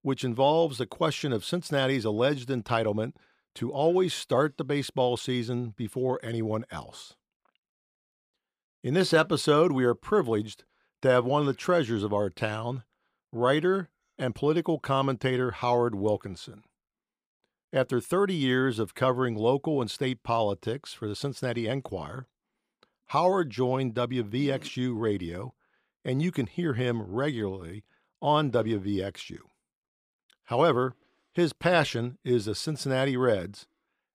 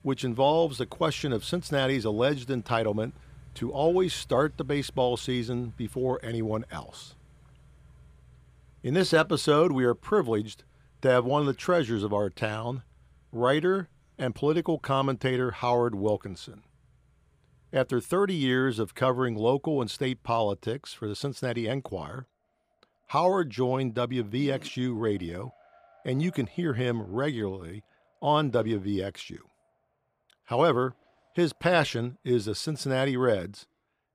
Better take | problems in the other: first | traffic noise; faint; throughout; 30 dB below the speech

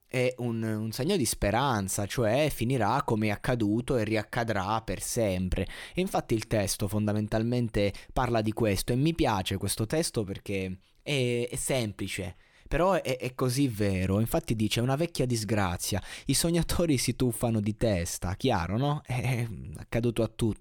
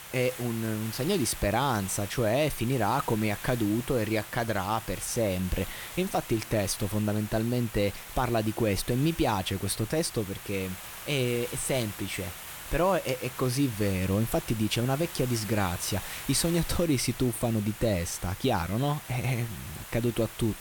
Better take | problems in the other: first | hiss; noticeable; throughout; 10 dB below the speech

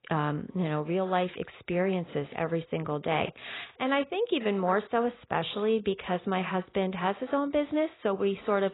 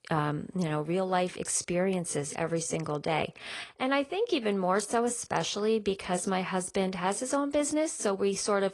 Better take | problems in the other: second | garbled, watery; badly; nothing above 4 kHz; slightly in the second

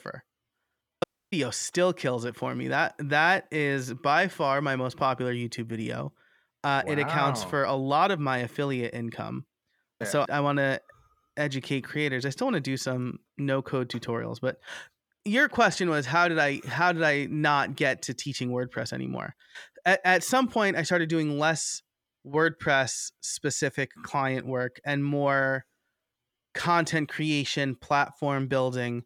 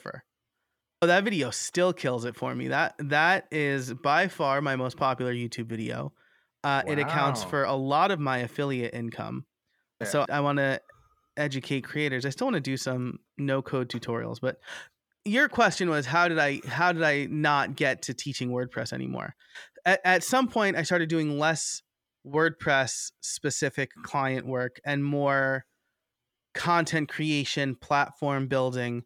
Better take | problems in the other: second | audio cutting out; at 1 s

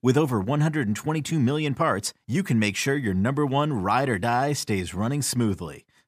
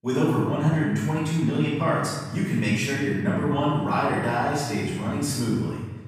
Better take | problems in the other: first | room echo; strong; dies away in 1.1 s // off-mic speech; far

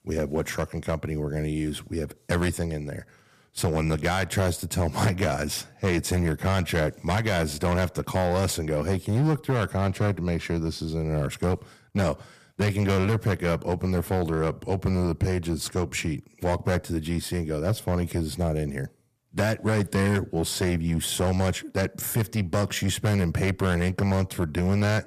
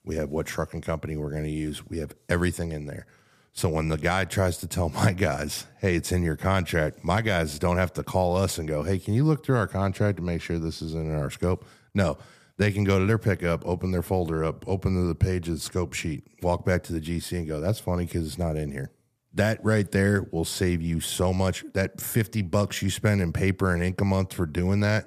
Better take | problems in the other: second | distortion; slight; 7% of the sound clipped

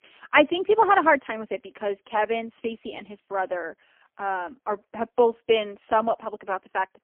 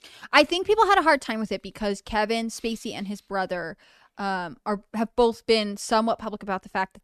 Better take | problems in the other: second | phone-call audio; poor line; nothing above 3 kHz

